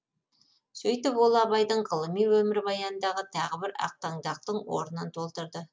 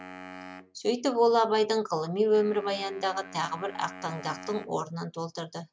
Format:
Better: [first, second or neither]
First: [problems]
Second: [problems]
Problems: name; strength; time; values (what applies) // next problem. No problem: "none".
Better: first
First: none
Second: background sound (Wind instrument, woodwind instrument); 18 dB below the speech